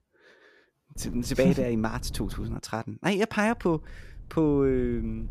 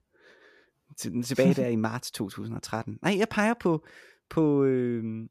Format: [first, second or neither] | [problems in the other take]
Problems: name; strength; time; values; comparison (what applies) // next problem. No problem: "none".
second | wind noise on the microphone; occasional gusts; from 1 to 2.5 s and from 3.5 s on; 25 dB below the speech